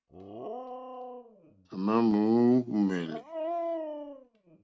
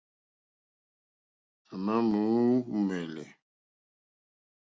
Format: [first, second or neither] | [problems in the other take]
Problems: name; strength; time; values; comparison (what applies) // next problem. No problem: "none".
second | noise reduction (neural mask model RNNoise)